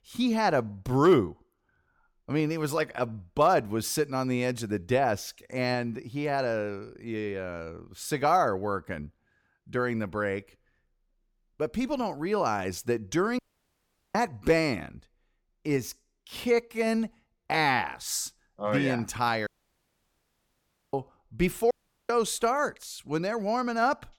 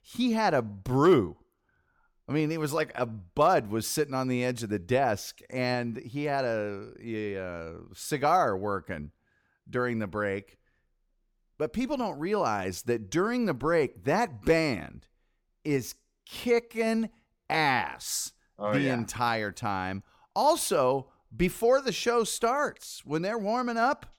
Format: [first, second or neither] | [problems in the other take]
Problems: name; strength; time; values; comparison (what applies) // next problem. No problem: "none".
second | audio cutting out; at 13 s for 1 s, at 19 s for 1.5 s and at 22 s